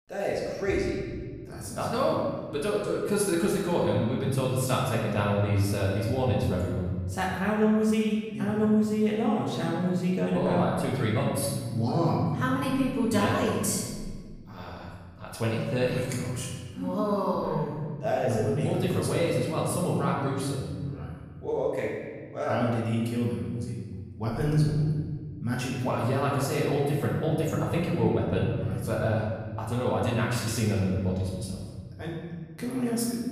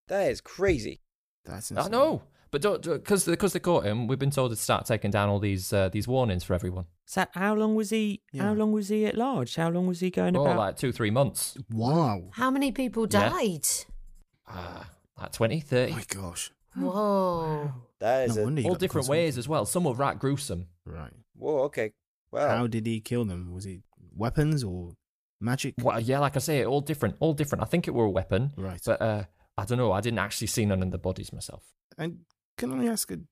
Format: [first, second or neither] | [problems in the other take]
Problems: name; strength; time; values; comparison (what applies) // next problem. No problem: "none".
second | room echo; noticeable; dies away in 1.7 s // off-mic speech; far